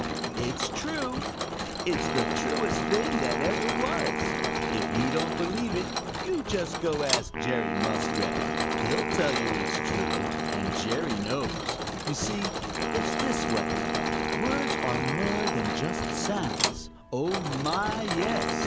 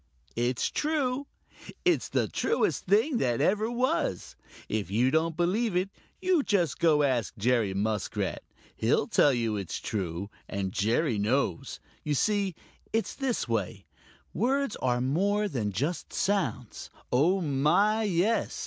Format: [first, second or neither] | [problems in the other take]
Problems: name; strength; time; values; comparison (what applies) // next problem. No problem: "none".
second | background sound (Mechanisms + Wind instrument, woodwind instrument); 3 dB above the speech